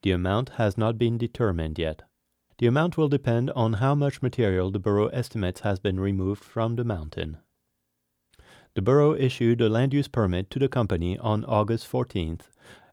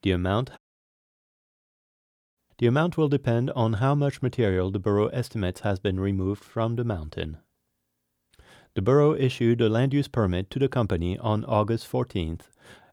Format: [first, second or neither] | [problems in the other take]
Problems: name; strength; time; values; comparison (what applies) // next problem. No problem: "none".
first | audio cutting out; at 0.5 s for 2 s